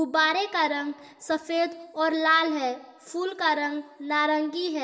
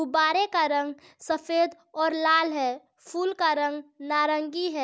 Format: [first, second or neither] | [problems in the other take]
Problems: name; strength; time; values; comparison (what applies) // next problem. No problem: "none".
second | room echo; dies away in 2.1 s